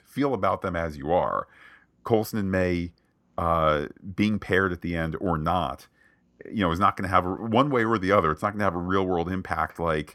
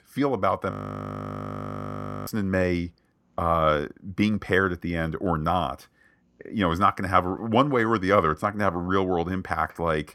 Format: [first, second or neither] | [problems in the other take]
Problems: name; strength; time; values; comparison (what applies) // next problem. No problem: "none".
first | audio freezing; at 0.5 s for 1.5 s